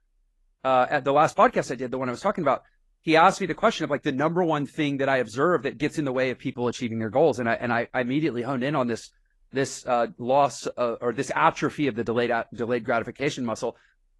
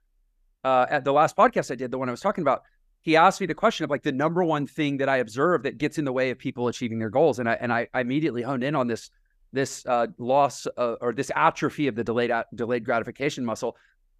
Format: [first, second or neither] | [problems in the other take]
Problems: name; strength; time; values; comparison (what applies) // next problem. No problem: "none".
second | garbled, watery; slightly; nothing above 11.5 kHz